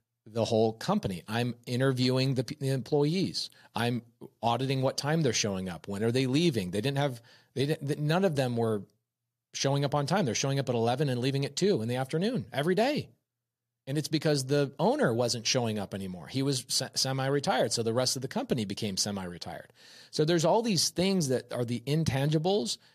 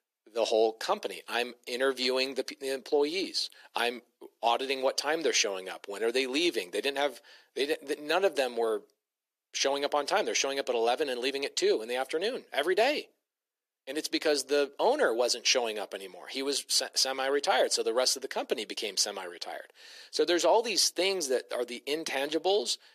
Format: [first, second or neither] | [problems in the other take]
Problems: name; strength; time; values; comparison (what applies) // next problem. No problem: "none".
first | thin; very; fading below 350 Hz